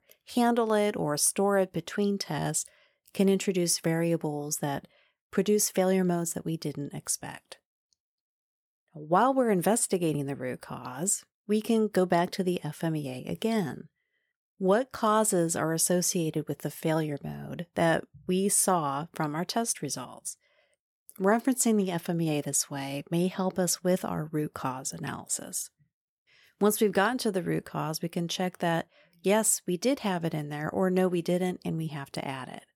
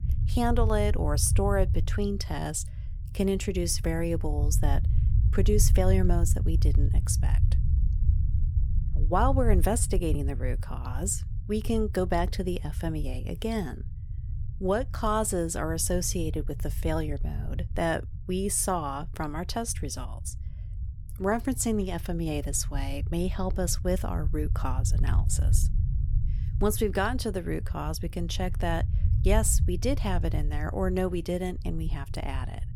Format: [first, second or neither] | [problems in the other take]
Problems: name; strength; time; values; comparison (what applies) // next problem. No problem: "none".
first | low rumble; noticeable; throughout; 15 dB below the speech